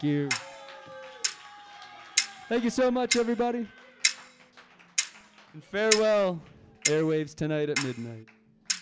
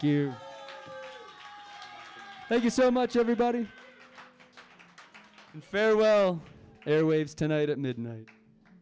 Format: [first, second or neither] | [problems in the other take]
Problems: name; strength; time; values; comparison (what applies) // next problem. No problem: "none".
second | background sound (Clock); 5 dB below the speech